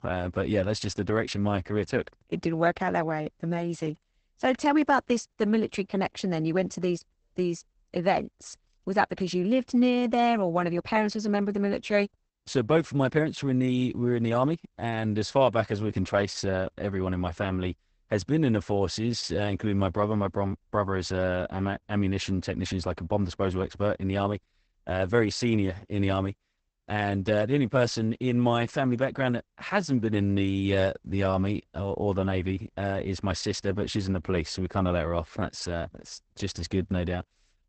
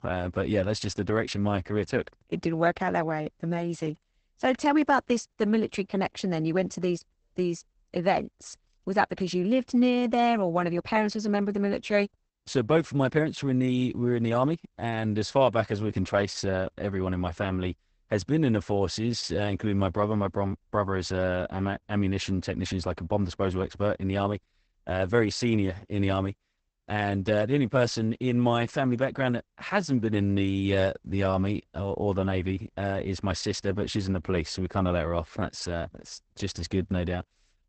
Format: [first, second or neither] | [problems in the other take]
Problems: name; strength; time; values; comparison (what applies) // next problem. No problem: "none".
neither | garbled, watery; badly; nothing above 8 kHz; the same in both